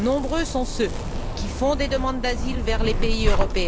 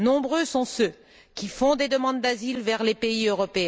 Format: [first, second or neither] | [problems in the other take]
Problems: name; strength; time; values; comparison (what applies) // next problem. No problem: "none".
second | background sound (Zipper (clothing)); 2 dB above the speech